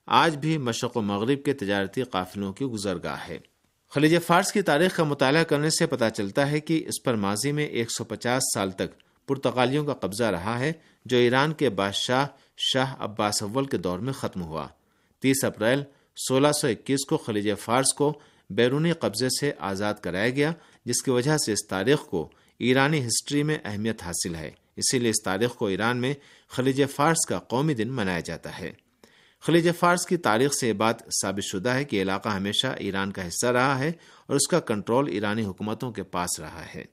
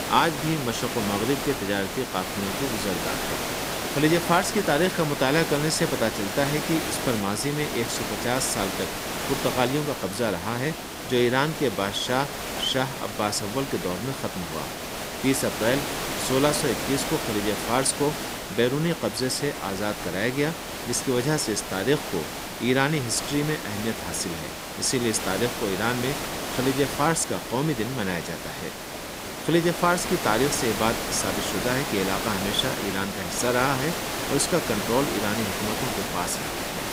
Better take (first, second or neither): first